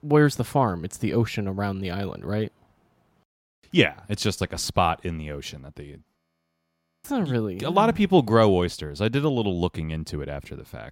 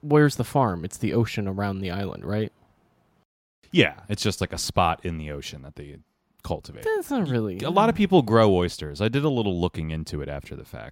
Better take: second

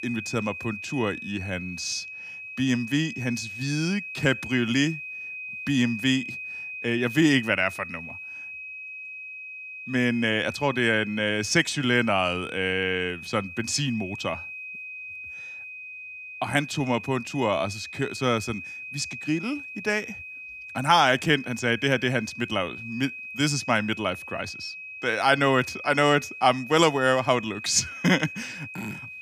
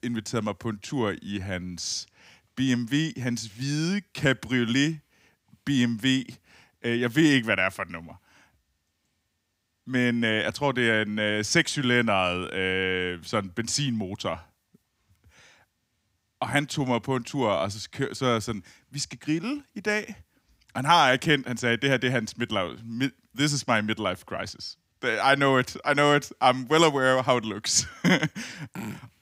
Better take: second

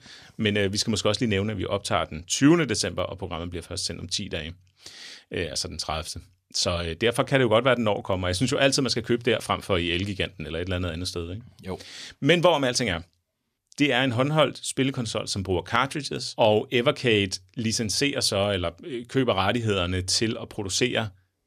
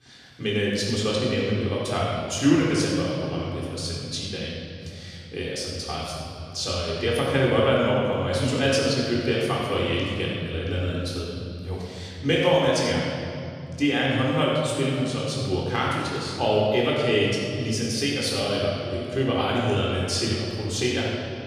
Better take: first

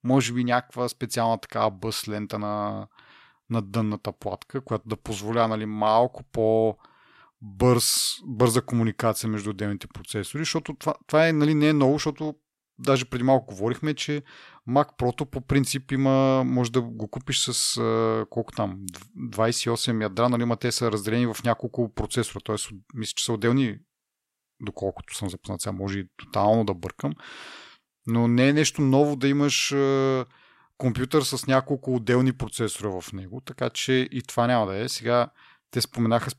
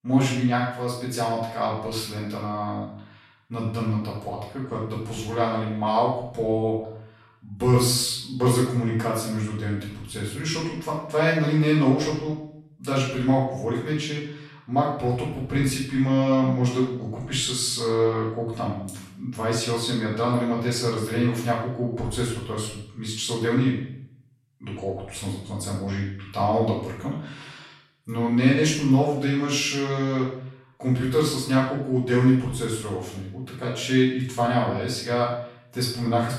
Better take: first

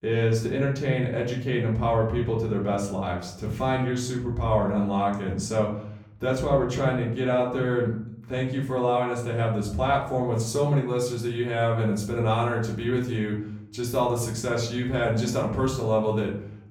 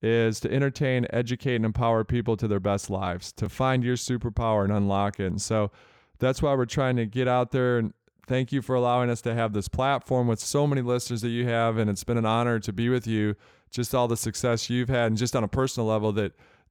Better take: second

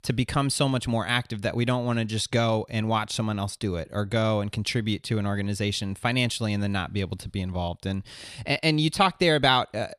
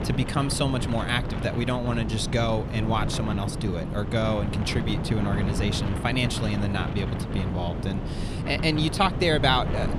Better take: first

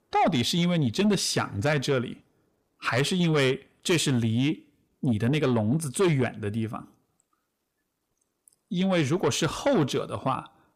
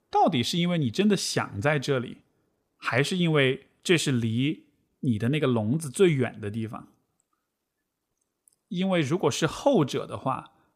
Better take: second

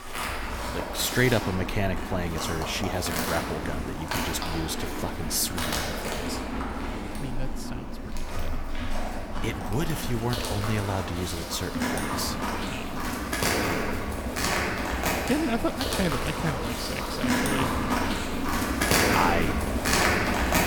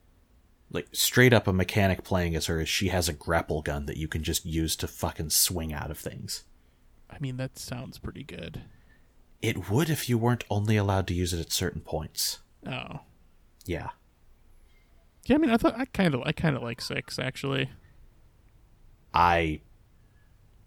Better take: second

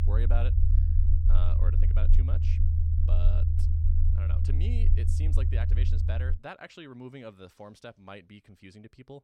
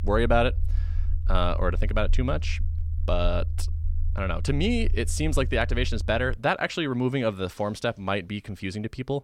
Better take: second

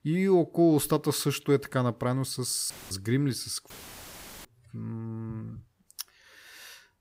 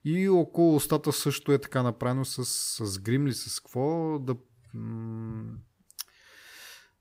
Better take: second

